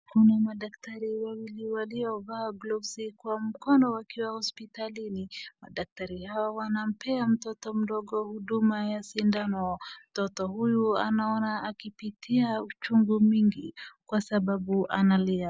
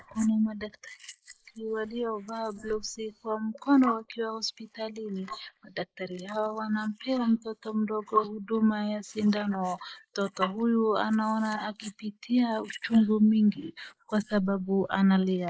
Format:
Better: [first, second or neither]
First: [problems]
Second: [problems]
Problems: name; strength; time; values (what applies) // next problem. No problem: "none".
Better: first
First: none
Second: noise reduction (neural mask model Resemble Enhance denoiser)